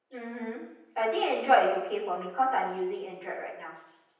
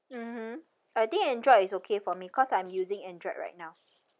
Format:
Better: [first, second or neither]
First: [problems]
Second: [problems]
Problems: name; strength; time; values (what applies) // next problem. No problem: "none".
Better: second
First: room echo; dies away in 0.9 s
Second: none